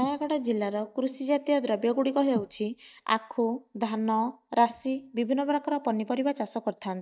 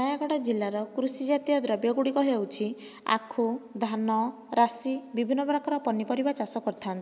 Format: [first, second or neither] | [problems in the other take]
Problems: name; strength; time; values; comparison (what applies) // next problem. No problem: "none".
second | noise reduction (neural mask model DeepFilterNet 3)